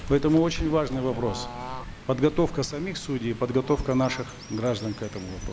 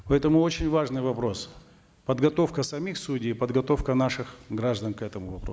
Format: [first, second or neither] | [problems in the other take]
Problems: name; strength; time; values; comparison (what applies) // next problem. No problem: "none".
second | background sound (Bird / Fowl); 11 dB below the speech